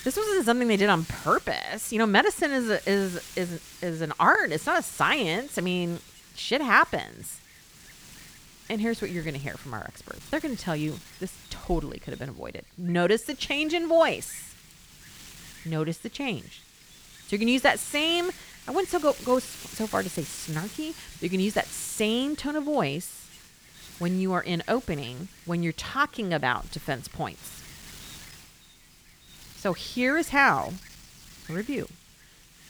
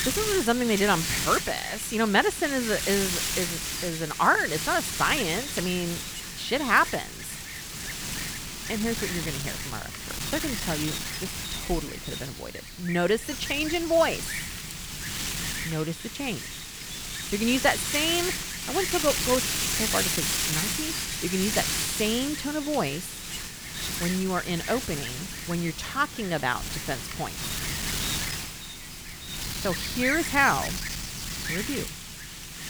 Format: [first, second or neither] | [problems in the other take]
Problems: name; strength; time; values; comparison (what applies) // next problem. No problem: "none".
first | wind noise on the microphone; heavy; 4 dB below the speech; occasional gusts in the first